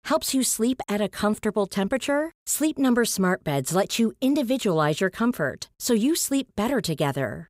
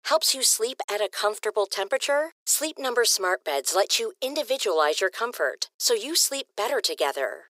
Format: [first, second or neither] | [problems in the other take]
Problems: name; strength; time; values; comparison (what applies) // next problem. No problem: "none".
first | thin; very; fading below 400 Hz